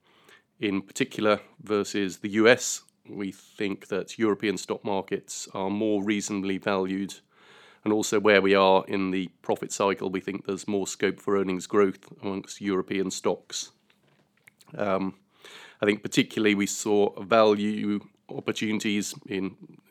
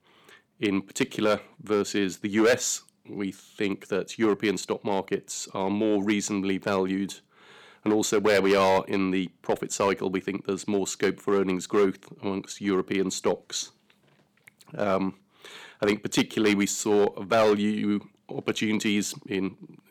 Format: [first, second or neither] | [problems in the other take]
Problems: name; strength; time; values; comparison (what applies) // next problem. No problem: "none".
first | distortion; slight; 3% of the sound clipped